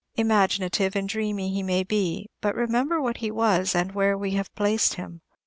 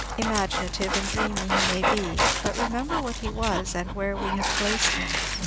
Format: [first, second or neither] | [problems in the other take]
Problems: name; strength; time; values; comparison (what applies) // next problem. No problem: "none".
first | background sound (Dog); 3 dB above the speech